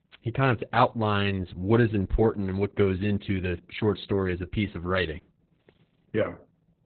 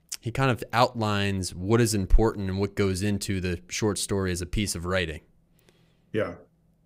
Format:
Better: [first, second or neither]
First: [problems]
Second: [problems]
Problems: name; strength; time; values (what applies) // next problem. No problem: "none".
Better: second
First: garbled, watery; badly; nothing above 4 kHz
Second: none